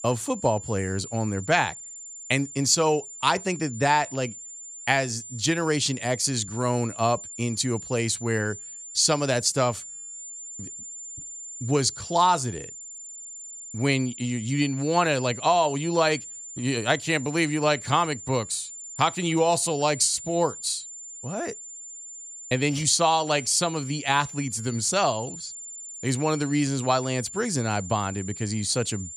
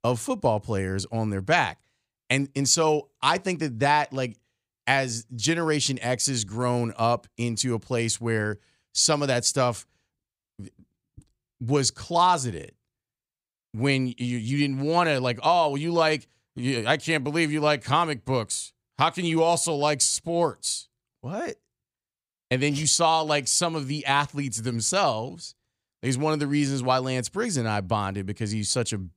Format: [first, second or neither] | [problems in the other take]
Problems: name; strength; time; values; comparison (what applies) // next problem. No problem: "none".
second | high-pitched whine; noticeable; throughout; 7 kHz, 10 dB below the speech